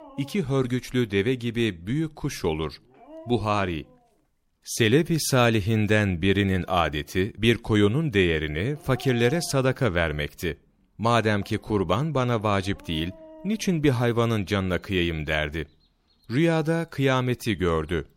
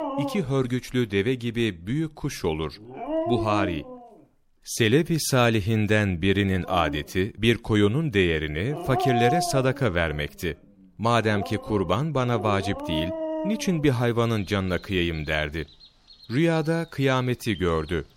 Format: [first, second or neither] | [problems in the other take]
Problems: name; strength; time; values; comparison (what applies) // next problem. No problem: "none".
first | animal sounds; loud; throughout; 7 dB below the speech; faint in the first